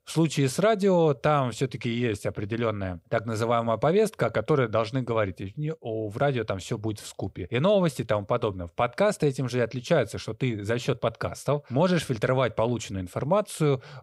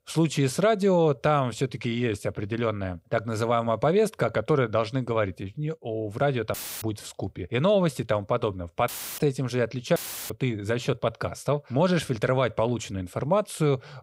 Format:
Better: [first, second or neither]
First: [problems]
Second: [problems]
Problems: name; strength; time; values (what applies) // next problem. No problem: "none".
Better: first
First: none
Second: audio cutting out; filled with static; at 6.5 s, at 9 s and at 10 s